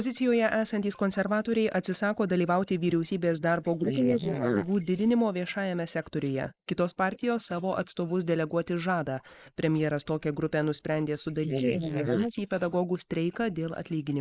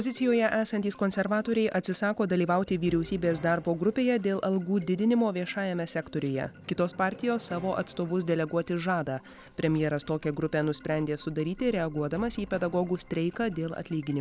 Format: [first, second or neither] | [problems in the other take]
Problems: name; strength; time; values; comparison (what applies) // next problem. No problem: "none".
second | noise reduction (neural mask model Resemble Enhance denoiser)